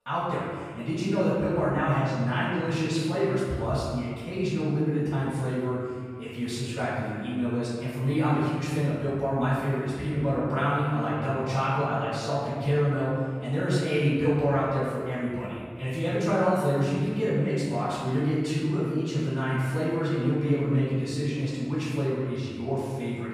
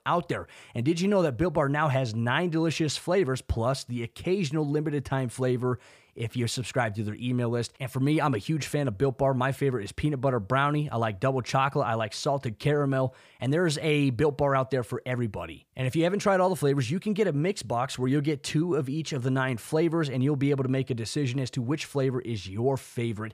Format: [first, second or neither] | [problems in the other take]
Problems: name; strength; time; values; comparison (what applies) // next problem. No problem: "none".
second | off-mic speech; far // room echo; strong; dies away in 1.6 s